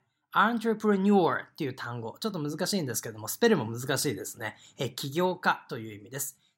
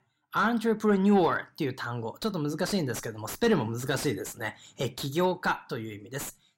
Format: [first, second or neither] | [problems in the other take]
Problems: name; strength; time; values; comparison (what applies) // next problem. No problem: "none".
first | distortion; slight; 10 dB below the speech